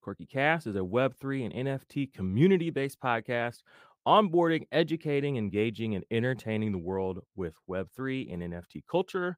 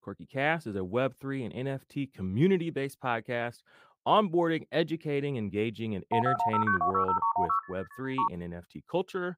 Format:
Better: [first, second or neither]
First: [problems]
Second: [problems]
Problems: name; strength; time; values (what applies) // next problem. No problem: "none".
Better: first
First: none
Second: phone ringing; loud; from 6 to 8.5 s; peak 5 dB above the speech